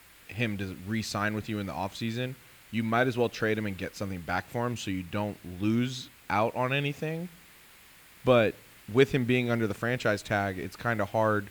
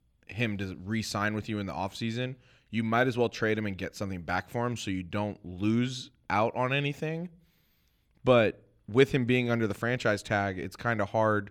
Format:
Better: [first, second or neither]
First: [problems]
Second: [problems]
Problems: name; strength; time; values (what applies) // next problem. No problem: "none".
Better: second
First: hiss; faint; throughout; 25 dB below the speech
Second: none